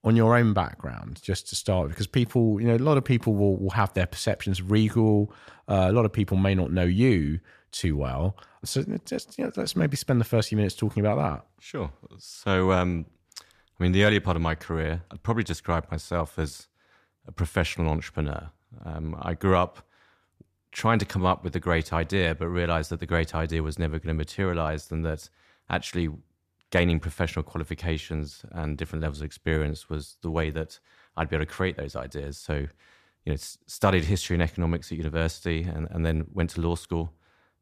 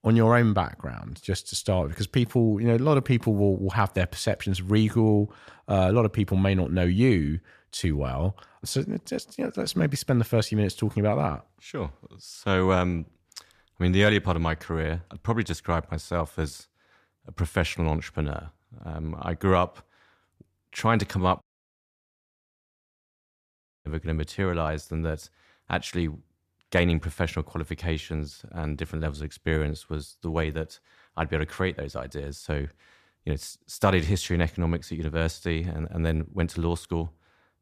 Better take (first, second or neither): first